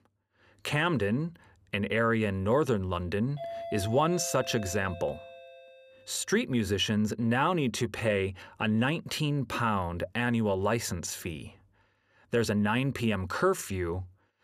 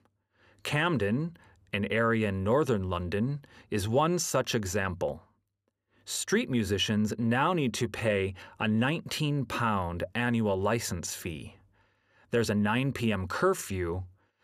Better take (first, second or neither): second